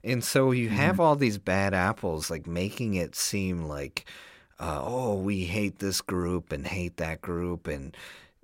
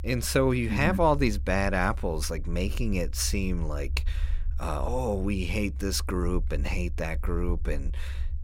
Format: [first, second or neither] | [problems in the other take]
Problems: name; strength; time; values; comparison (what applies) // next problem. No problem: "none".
first | low rumble; faint; throughout; 25 dB below the speech